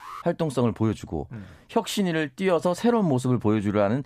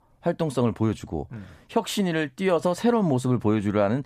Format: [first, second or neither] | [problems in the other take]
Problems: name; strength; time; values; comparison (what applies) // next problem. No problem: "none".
second | alarm; faint; at the start; peak 15 dB below the speech